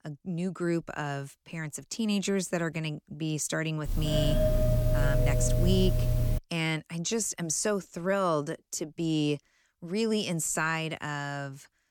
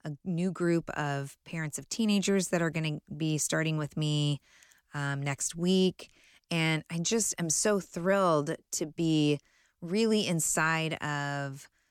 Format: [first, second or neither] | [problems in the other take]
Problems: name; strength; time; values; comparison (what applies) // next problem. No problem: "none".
second | doorbell; loud; from 4 to 6.5 s; peak 4 dB above the speech